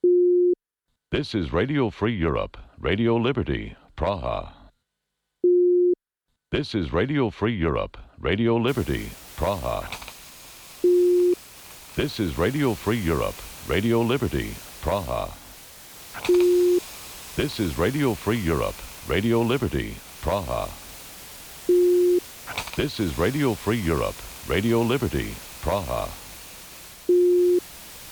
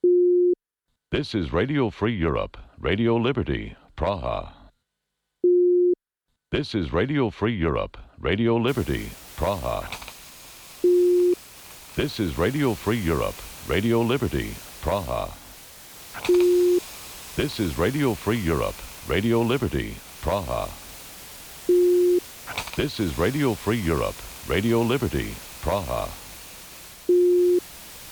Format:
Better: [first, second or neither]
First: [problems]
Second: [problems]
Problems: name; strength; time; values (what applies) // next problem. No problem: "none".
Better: neither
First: hiss; noticeable; from 8.5 s on; 15 dB below the speech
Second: hiss; noticeable; from 8.5 s on; 15 dB below the speech